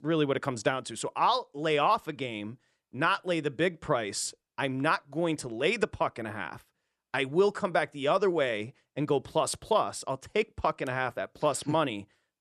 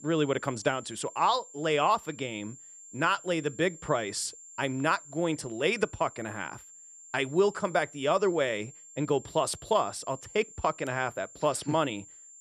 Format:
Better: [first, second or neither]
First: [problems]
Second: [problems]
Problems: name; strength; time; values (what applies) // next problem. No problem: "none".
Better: first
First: none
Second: high-pitched whine; noticeable; throughout; 7.5 kHz, 20 dB below the speech